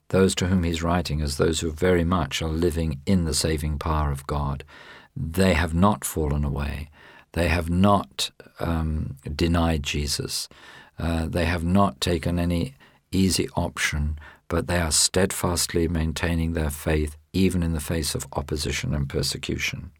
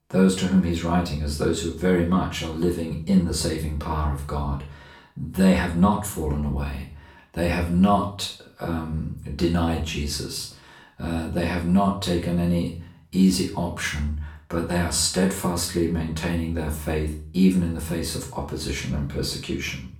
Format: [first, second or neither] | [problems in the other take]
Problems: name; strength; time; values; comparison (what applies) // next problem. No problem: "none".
first | off-mic speech; far // room echo; slight; dies away in 0.4 s